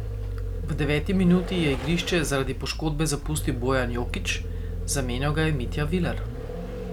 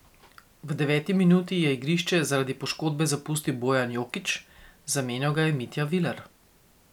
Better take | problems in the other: second | background sound (Vehicle); 4 dB below the speech

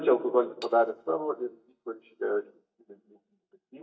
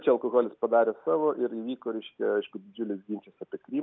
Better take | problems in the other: second | noise reduction (neural mask model DeepFilterNet 3)

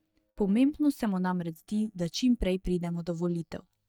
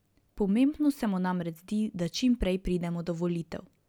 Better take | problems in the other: second | noise reduction (neural mask model DeepFilterNet 3)

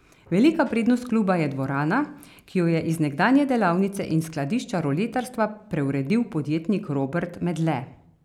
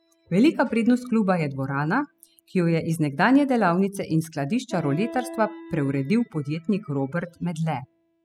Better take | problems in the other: first | noise reduction (classical method spectral subtraction)

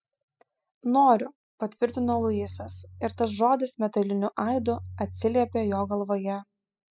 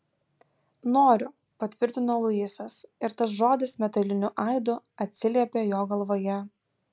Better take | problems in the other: second | noise reduction (classical method spectral subtraction)

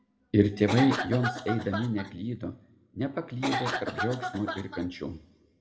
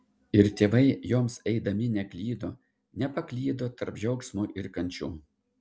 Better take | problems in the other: second | background sound (Cough); 4 dB below the speech // room echo; dies away in 1.2 s

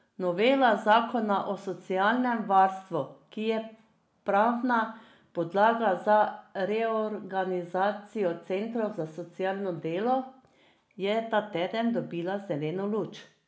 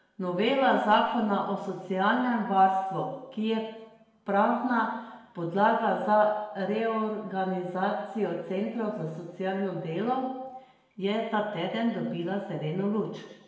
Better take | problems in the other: first | room echo; dies away in 1 s

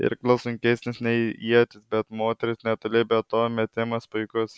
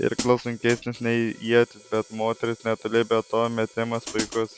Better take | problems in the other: first | background sound (Hi-hat); 15 dB below the speech

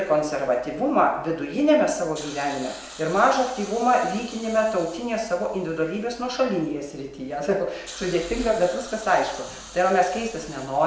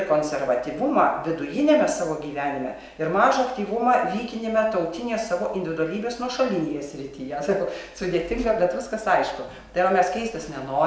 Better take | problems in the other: second | background sound (Hiss); 20 dB below the speech

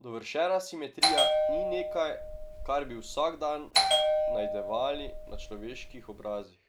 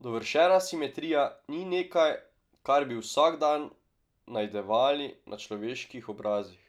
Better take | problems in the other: second | background sound (Bell); 4 dB above the speech

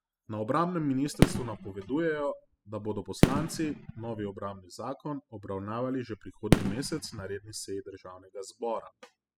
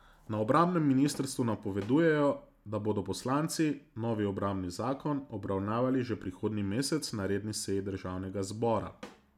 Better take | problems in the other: second | noise reduction (classical method spectral subtraction)

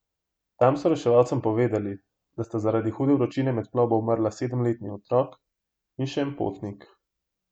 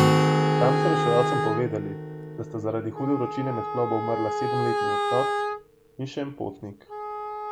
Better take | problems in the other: first | background sound (Acoustic guitar + Wind instrument, woodwind instrument); 3 dB above the speech

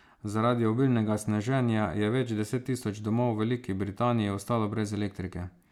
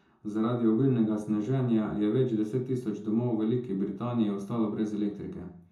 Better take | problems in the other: first | room echo; dies away in 0.5 s

